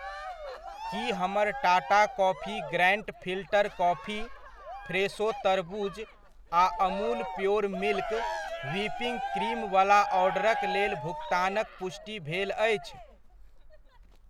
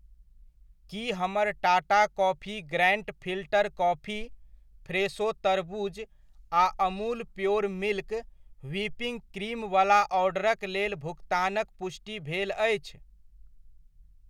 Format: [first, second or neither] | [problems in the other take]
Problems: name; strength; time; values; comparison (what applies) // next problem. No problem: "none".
second | background sound (Cheering); 8 dB below the speech